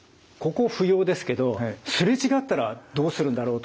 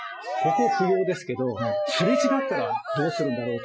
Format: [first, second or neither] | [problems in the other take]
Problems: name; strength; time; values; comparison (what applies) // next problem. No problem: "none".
first | noise reduction (classical method Wiener filter)